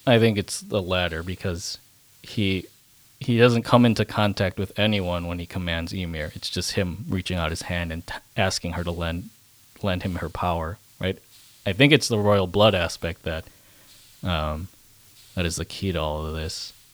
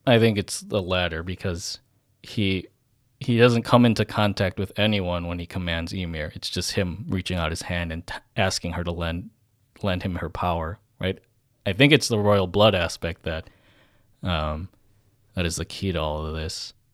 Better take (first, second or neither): second